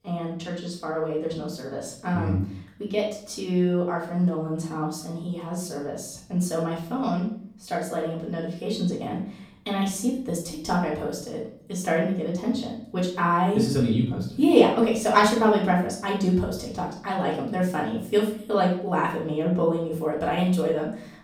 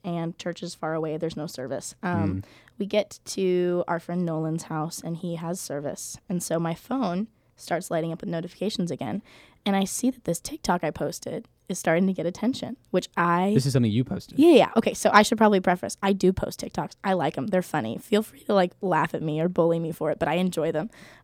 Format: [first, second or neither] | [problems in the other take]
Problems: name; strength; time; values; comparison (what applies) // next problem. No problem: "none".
second | off-mic speech; far // room echo; noticeable; dies away in 0.5 s